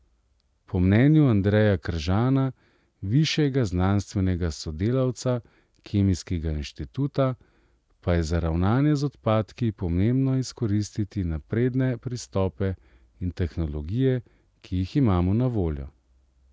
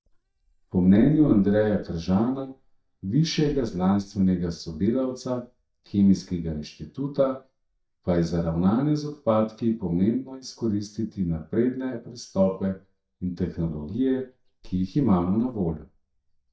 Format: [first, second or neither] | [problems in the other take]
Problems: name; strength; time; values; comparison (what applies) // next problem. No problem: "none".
first | noise reduction (neural mask model DeepFilterNet 3)